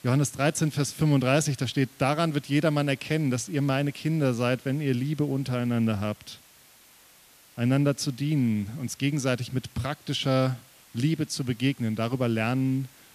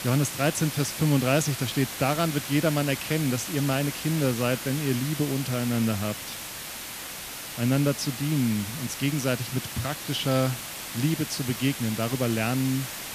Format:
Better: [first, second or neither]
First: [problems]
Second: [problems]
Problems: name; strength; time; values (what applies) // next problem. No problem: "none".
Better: first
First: hiss; faint; throughout; 25 dB below the speech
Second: hiss; loud; throughout; 7 dB below the speech